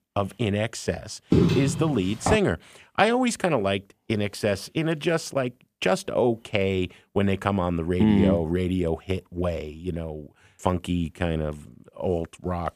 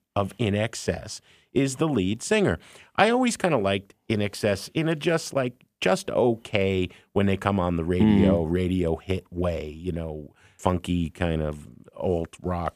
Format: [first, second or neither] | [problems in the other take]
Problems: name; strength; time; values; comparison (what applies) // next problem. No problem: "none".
second | footsteps; loud; from 1.5 to 2.5 s; peak 5 dB above the speech